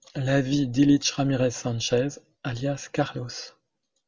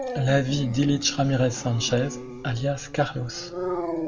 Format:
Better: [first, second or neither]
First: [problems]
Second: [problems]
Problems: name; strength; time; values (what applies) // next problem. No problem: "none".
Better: first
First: none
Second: background sound (Dog); 9 dB below the speech // room echo; dies away in 1.1 s